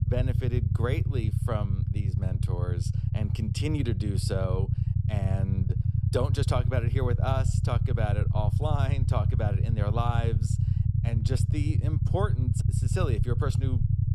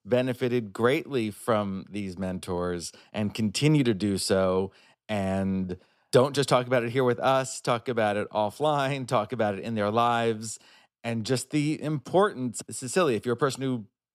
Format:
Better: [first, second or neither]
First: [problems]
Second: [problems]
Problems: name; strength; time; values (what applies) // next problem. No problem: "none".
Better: second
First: low rumble; loud; throughout; 5 dB below the speech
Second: none